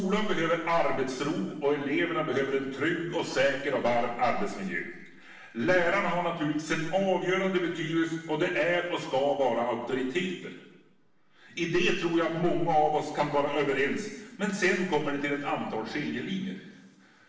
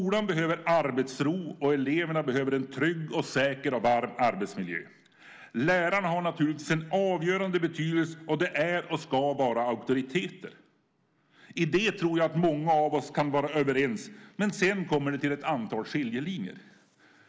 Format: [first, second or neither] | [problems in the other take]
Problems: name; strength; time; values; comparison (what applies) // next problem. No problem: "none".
second | room echo; dies away in 1 s